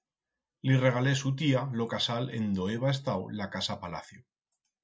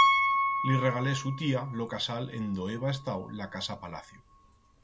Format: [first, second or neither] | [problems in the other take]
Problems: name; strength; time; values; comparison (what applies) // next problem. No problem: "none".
first | background sound (Piano); 1 dB above the speech